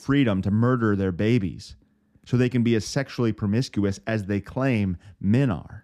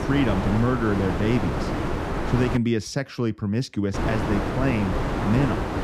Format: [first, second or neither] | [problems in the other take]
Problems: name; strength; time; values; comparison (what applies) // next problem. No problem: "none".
first | wind noise on the microphone; heavy; until 2.5 s and from 4 s on; as loud as the speech